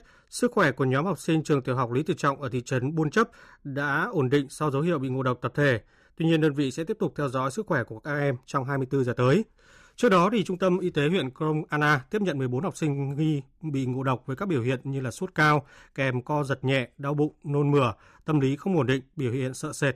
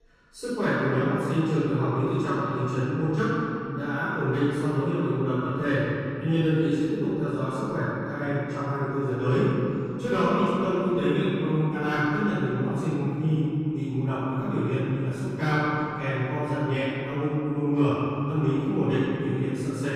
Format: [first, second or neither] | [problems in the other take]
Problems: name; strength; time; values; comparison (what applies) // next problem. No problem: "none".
first | off-mic speech; far // room echo; strong; dies away in 2.9 s